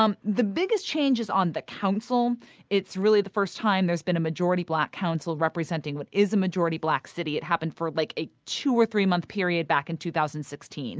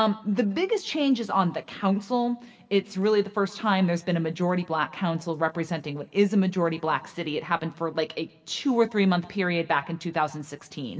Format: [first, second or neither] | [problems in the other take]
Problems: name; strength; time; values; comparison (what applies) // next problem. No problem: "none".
first | room echo; dies away in 0.9 s